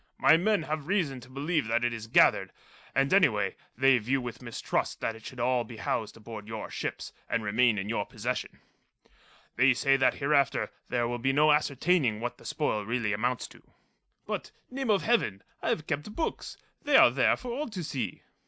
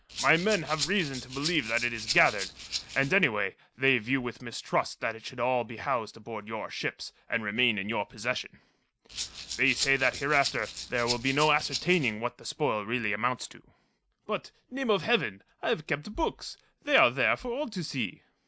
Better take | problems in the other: first | background sound (Rattle (instrument)); 8 dB below the speech

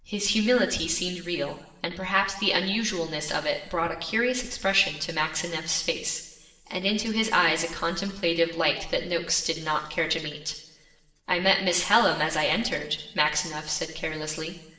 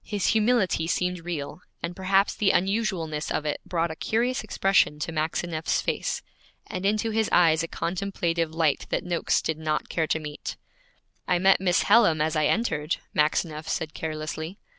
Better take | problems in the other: second | room echo; dies away in 1.4 s

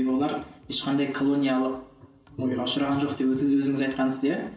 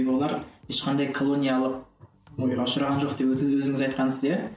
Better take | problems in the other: second | room echo; dies away in 1 s

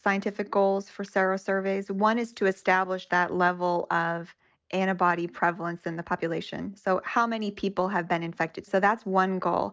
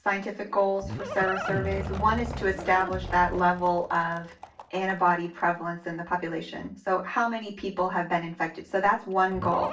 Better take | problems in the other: first | background sound (Livestock, farm animals, working animals); 11 dB below the speech // room echo; dies away in 0.3 s

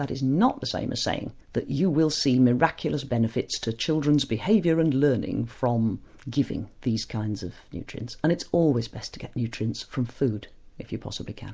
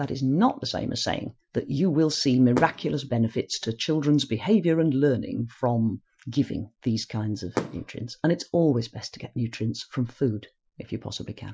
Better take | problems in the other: first | noise reduction (classical method Wiener filter)

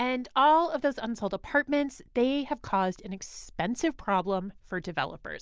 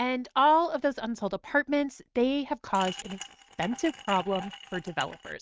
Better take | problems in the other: first | noise reduction (neural mask model RNNoise)

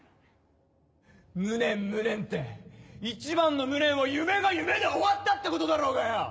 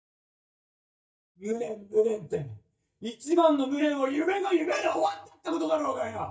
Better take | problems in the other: first | noise reduction (neural mask model DeepFilterNet 3)

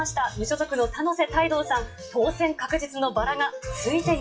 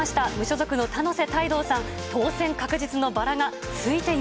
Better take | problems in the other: second | noise reduction (classical method WPE with log-MMSE)

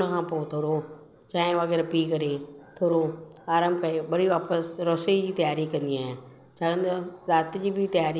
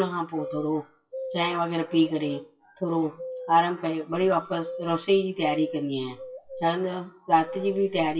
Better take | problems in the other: first | noise reduction (classical method WPE with log-MMSE)

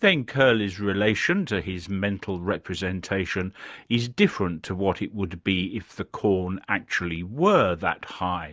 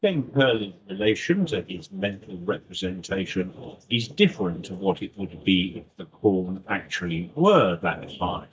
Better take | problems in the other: first | noise reduction (neural mask model DeepFilterNet 3)

